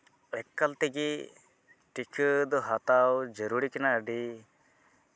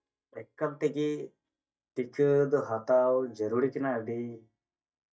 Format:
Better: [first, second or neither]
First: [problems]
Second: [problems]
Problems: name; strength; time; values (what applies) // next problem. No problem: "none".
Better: first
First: none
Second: noise reduction (neural mask model DeepFilterNet 3)